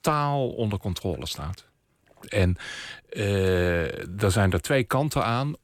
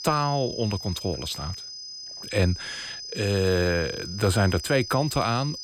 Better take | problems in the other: first | high-pitched whine; loud; throughout; 5 kHz, 9 dB below the speech

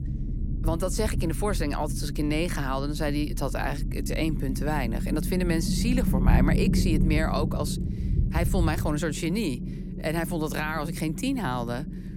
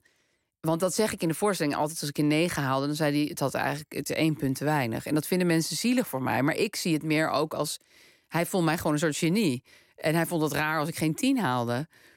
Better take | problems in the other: second | low rumble; loud; throughout; 9 dB below the speech

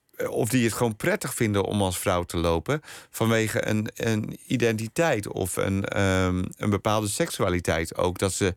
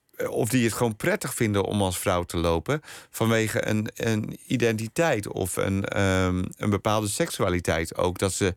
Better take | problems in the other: neither | none

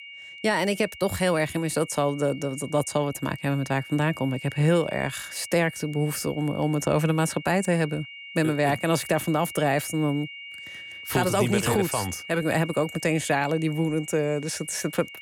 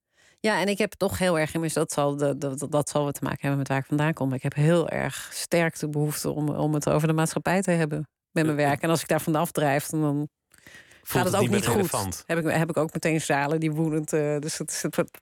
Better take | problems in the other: second | high-pitched whine; noticeable; throughout; 2 kHz, 15 dB below the speech

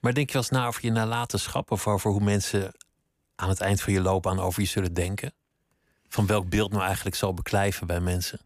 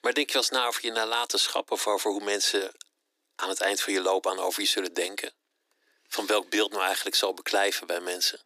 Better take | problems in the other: first | thin; very; fading below 300 Hz

